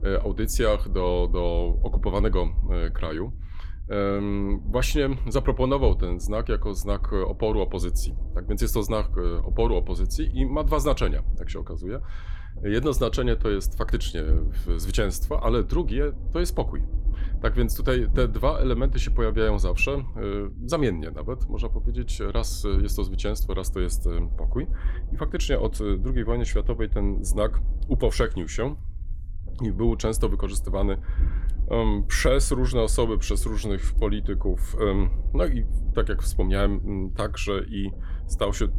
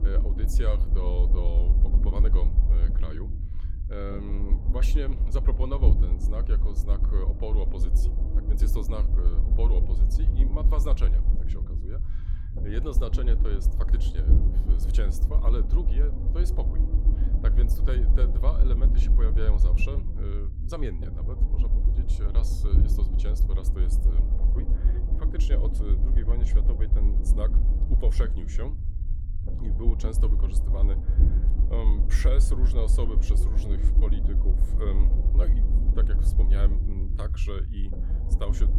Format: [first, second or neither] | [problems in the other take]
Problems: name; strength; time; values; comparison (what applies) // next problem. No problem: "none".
first | low rumble; loud; throughout; 5 dB below the speech; faint in the first